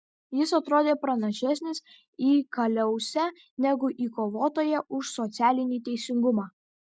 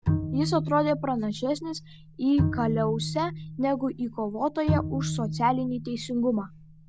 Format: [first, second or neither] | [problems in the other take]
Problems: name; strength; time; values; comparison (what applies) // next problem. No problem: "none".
first | background sound (Bowed string instrument); 4 dB below the speech